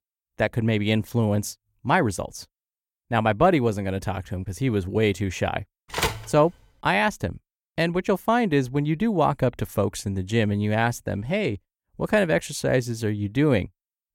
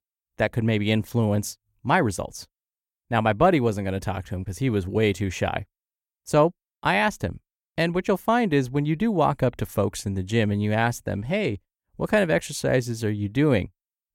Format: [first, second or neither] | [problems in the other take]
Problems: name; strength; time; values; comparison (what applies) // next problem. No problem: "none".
second | phone ringing; noticeable; at 6 s; peak 2 dB below the speech